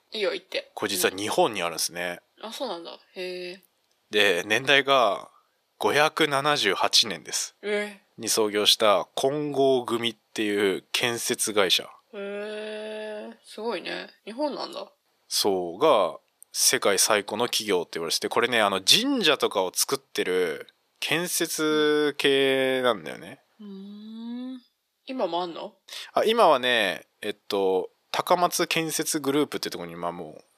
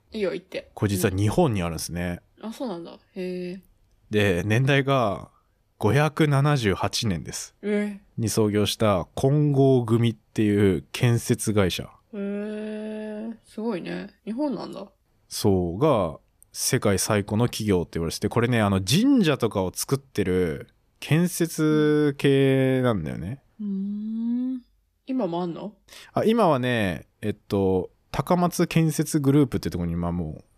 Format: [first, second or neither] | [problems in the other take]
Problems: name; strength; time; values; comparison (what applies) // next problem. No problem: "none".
second | thin; somewhat; fading below 500 Hz